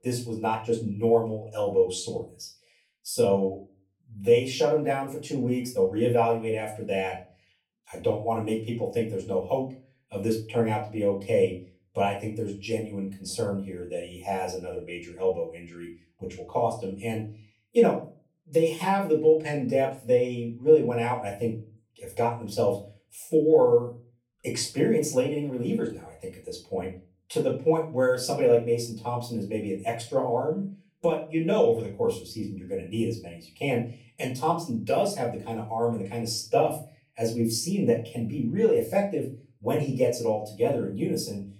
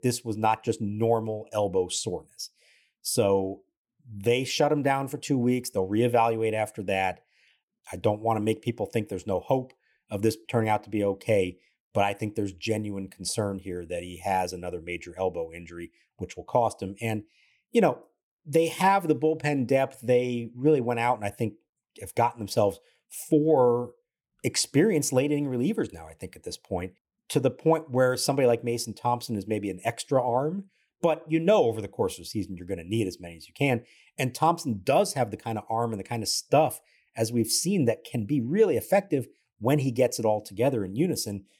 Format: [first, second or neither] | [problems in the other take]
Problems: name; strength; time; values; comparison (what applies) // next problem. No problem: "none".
second | off-mic speech; far // room echo; slight; dies away in 0.3 s